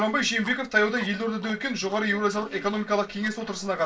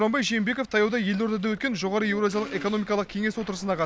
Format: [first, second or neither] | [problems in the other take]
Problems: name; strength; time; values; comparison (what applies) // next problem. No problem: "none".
second | noise reduction (neural separator model SepFormer DNS4)